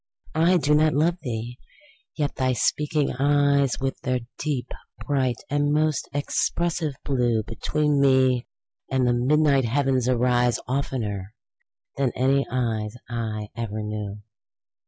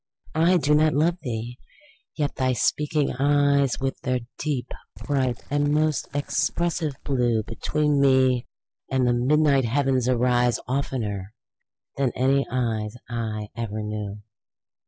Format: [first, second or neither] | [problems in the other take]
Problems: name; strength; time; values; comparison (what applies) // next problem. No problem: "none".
first | noise reduction (neural separator model SepFormer DNS4)